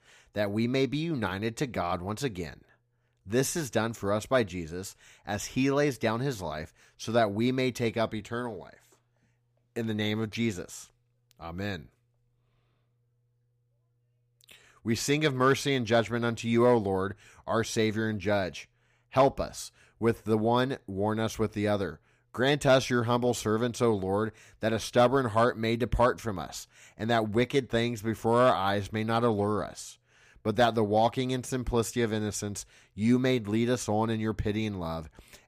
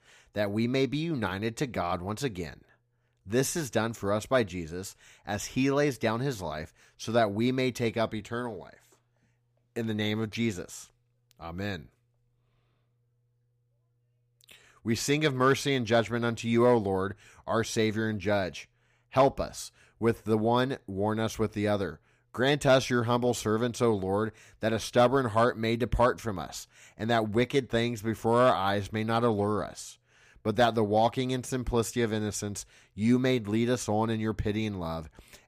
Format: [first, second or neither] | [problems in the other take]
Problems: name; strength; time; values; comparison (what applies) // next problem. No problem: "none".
neither | none